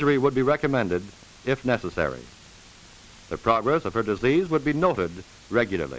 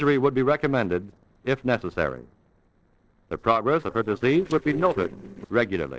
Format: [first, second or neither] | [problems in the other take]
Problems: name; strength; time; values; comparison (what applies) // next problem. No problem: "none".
first | noise reduction (neural separator model SepFormer DNS4)